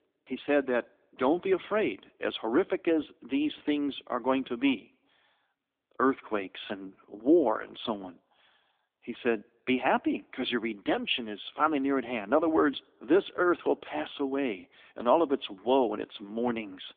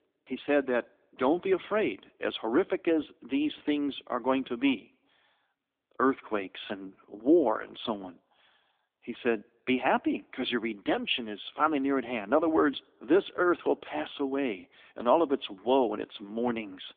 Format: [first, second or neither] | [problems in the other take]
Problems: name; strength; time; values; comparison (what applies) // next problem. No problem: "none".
neither | phone-call audio; nothing above 3.5 kHz; the same in both